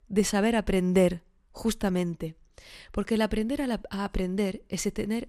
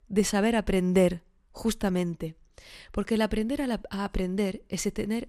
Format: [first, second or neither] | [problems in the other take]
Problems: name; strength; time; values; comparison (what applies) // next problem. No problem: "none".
neither | none